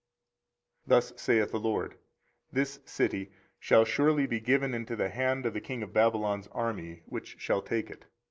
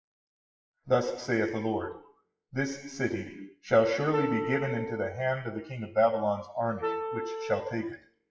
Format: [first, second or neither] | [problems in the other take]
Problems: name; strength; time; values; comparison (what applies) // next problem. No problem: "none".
first | noise reduction (classical method WPE with log-MMSE)